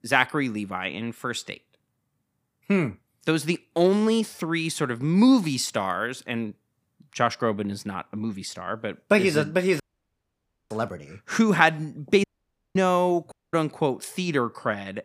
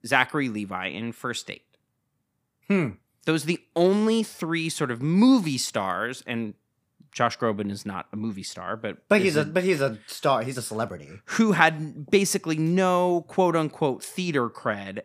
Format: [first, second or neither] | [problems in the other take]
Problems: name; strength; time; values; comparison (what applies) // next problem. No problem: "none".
second | audio cutting out; at 10 s for 1 s, at 12 s for 0.5 s and at 13 s